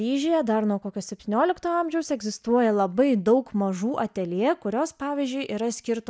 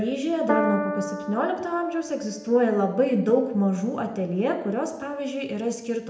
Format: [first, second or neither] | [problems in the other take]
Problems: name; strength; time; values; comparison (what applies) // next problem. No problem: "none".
first | background sound (Piano); 7 dB below the speech // room echo; dies away in 0.7 s